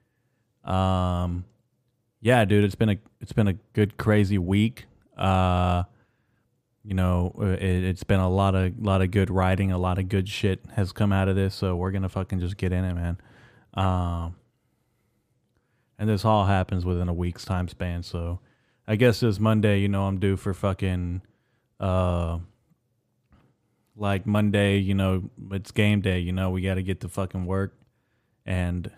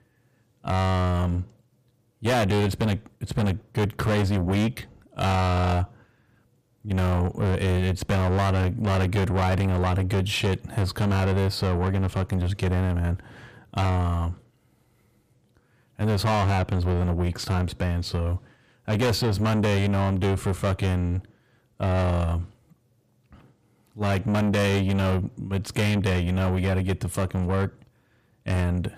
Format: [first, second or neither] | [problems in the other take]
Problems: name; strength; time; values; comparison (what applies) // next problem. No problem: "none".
first | distortion; heavy; 7 dB below the speech